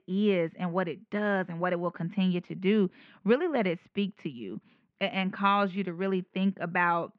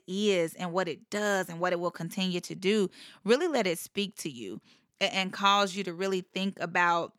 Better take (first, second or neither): second